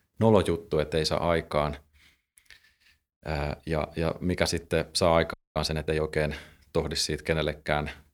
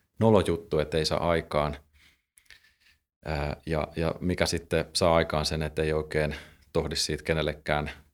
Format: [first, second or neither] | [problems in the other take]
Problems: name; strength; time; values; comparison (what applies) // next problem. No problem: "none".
second | audio freezing; at 5.5 s